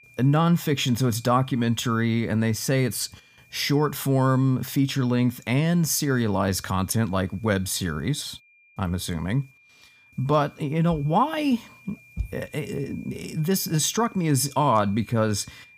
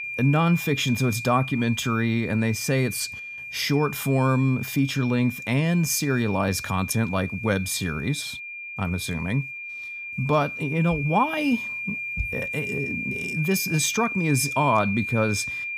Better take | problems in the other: first | high-pitched whine; loud; throughout; 2.5 kHz, 7 dB below the speech; faint in the first

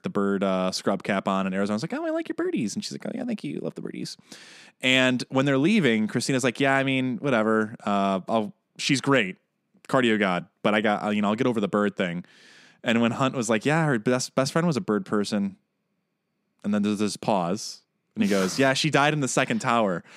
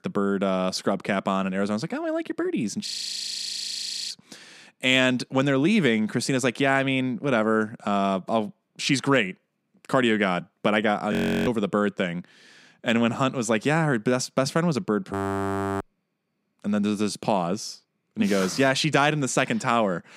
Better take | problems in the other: first | audio freezing; at 3 s for 1 s, at 11 s and at 15 s for 0.5 s

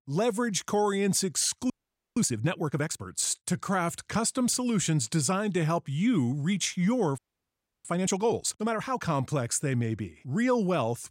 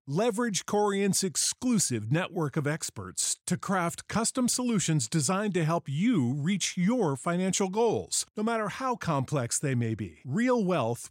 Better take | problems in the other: second | audio freezing; at 1.5 s and at 7 s for 0.5 s

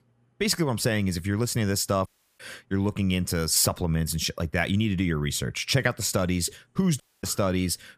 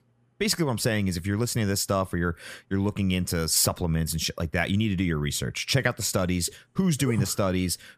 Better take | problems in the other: second | audio cutting out; at 2 s and at 7 s

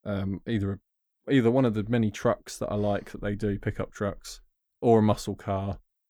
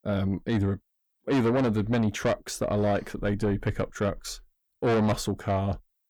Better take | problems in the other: first | distortion; heavy; 7 dB below the speech

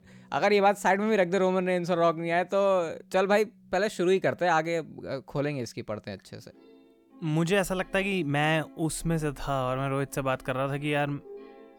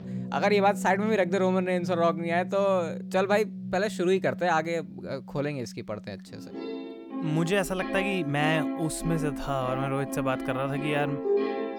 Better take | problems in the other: first | background music; loud; throughout; 7 dB below the speech; faint in the first

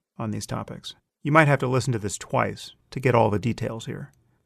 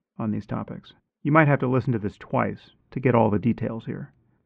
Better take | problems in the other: first | muffled; very; fading above 2.5 kHz

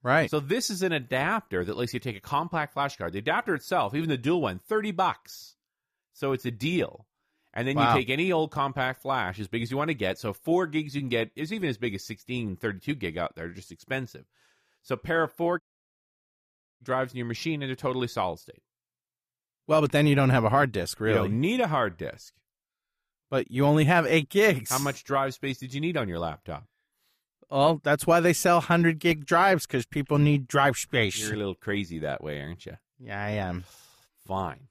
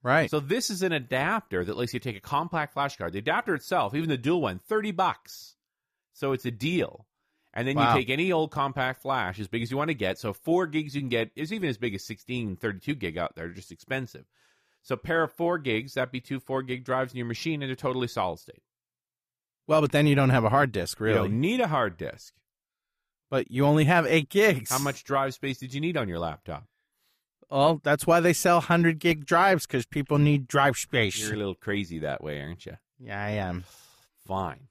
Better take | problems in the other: second | audio cutting out; at 16 s for 1 s

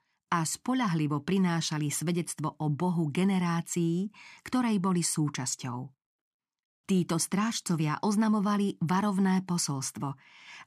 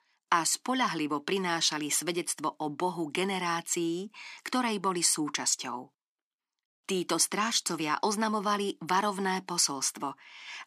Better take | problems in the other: first | thin; somewhat; fading below 300 Hz

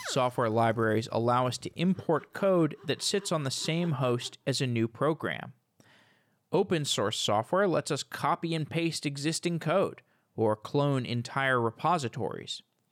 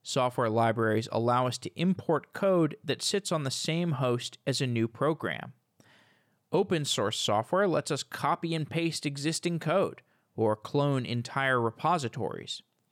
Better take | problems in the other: second | machinery noise; faint; until 4.5 s; 25 dB below the speech

